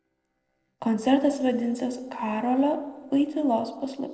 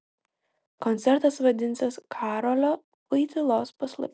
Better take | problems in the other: second | noise reduction (neural separator model SepFormer DNS4)

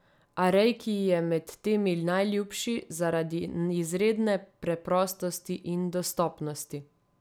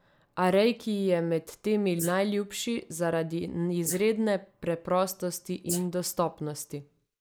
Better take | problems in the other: first | noise reduction (neural mask model Resemble Enhance denoiser)

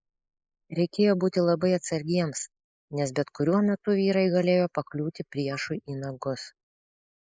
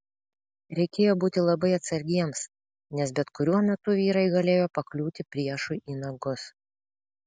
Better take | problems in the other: second | noise reduction (neural mask model Resemble Enhance denoiser)

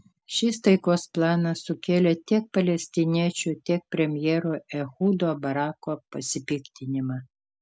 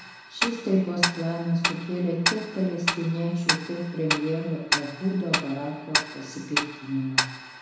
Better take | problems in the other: first | background sound (Tick-tock); 1 dB below the speech // room echo; dies away in 1 s

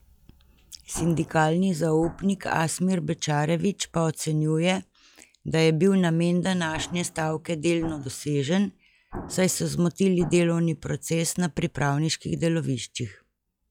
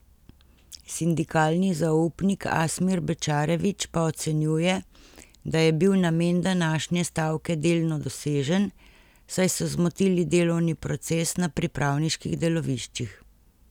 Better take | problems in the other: second | noise reduction (classical method log-MMSE)

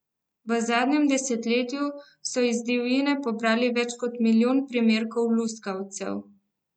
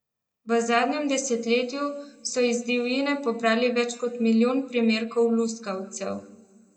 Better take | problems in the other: first | room echo; dies away in 1.8 s

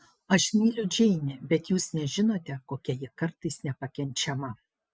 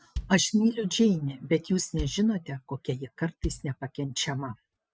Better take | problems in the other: first | background sound (Bass drum); 13 dB below the speech

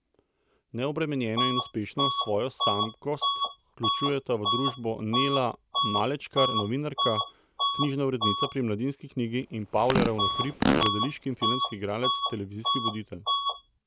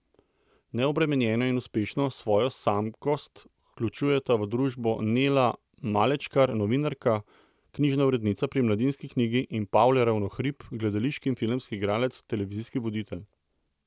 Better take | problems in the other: second | background sound (Fart + Bus / Alarm); 1 dB above the speech

